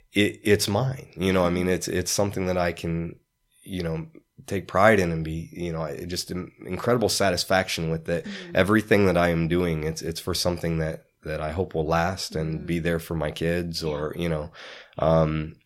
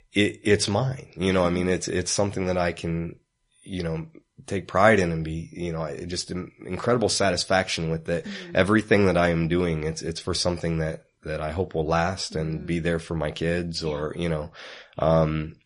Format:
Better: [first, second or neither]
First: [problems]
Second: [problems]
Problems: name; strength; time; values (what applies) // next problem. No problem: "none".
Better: first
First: none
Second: garbled, watery; slightly; nothing above 10.5 kHz